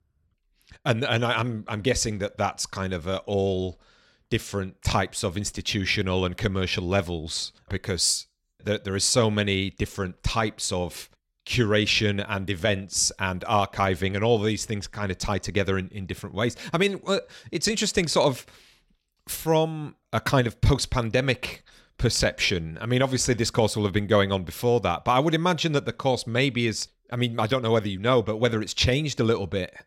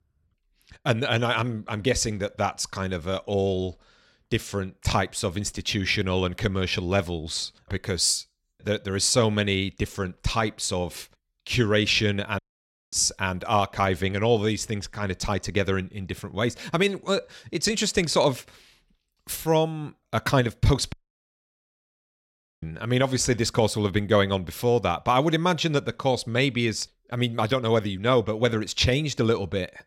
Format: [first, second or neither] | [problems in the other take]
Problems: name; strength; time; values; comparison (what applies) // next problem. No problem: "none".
first | audio cutting out; at 12 s for 0.5 s and at 21 s for 1.5 s